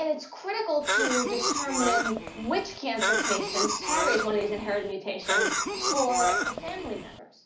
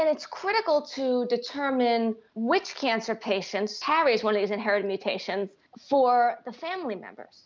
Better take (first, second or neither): second